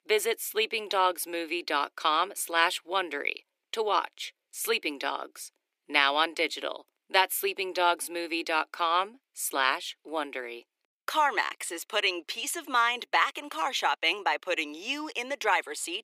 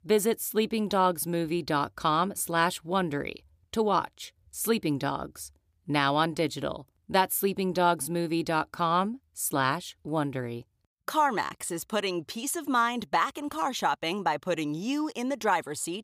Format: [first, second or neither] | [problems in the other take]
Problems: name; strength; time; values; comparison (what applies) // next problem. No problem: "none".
second | thin; very; fading below 350 Hz